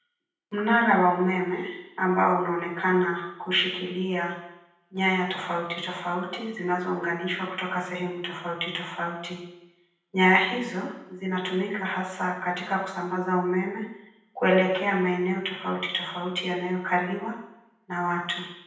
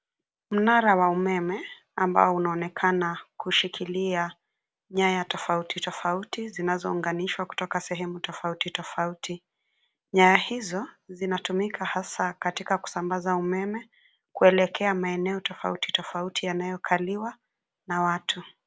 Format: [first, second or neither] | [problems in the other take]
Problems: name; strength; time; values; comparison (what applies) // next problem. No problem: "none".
second | room echo; dies away in 0.9 s